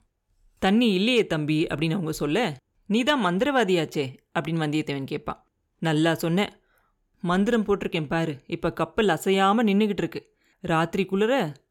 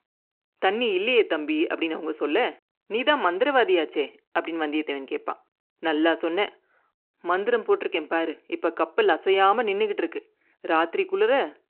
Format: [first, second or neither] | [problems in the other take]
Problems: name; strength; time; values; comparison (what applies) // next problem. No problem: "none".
first | phone-call audio